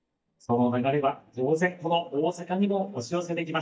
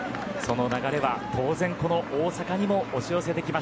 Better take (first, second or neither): second